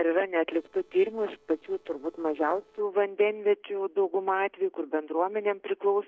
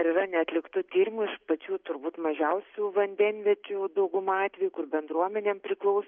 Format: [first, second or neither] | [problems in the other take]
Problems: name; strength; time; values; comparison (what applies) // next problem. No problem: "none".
second | noise reduction (neural separator model SepFormer DNS4)